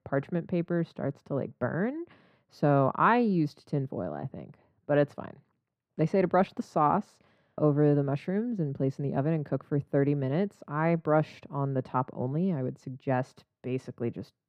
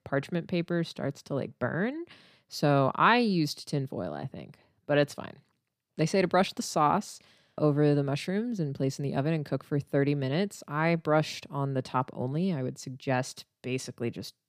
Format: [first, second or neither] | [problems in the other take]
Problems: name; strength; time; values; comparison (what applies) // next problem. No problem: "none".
second | muffled; very; fading above 2.5 kHz